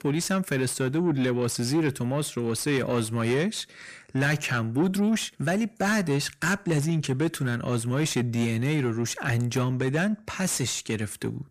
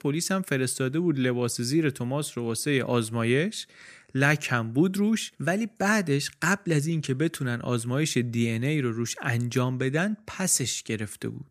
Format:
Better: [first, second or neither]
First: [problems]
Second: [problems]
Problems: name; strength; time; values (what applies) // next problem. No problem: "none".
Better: second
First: distortion; slight; 10 dB below the speech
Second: none